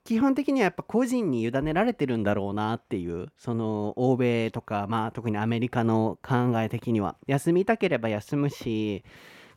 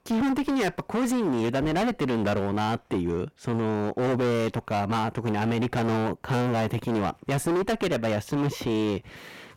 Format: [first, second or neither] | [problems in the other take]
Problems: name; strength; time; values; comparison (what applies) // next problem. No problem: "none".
first | distortion; heavy; 29% of the sound clipped